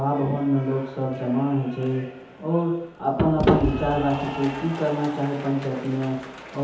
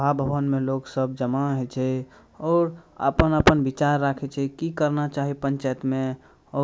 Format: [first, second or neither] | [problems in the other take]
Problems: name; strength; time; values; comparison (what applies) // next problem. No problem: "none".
second | background sound (Applause / Cheering); 12 dB below the speech // room echo; dies away in 0.8 s